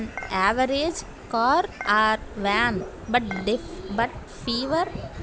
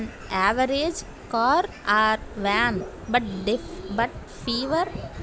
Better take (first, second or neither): second